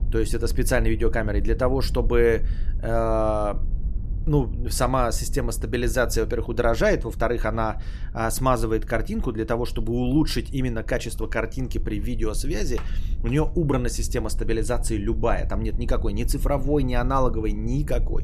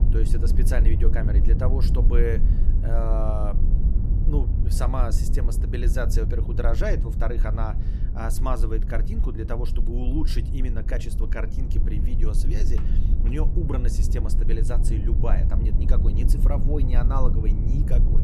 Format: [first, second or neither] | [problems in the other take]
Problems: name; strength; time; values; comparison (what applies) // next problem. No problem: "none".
first | low rumble; loud; throughout; 7 dB below the speech; faint in the first